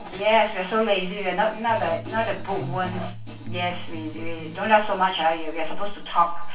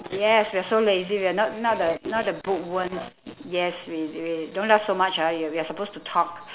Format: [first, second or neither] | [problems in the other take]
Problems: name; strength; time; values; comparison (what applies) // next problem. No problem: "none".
second | background sound (Electric guitar); 14 dB below the speech // room echo; dies away in 0.2 s